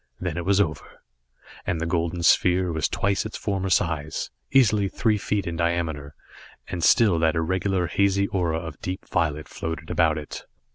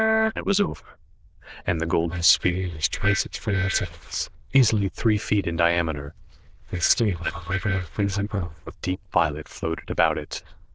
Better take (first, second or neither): first